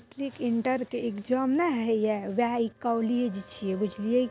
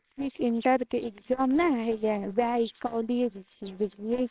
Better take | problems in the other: first | noise reduction (neural separator model SepFormer WHAMR!)

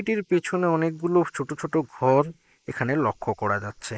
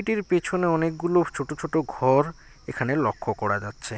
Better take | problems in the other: second | noise reduction (neural mask model Resemble Enhance denoiser)

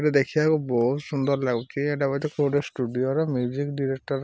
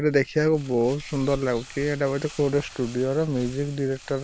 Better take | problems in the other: first | background sound (Crumpling, crinkling); 18 dB below the speech

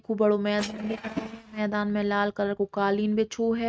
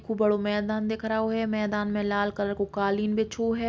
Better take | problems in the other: second | noise reduction (neural mask model RNNoise)

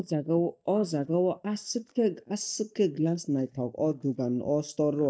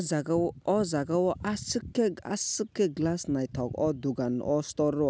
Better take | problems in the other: second | noise reduction (neural mask model DeepFilterNet 3)

